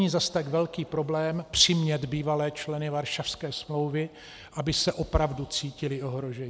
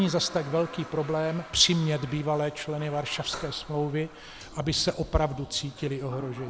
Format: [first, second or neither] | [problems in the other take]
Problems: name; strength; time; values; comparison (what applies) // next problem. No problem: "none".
first | background sound (Toilet flush); 16 dB below the speech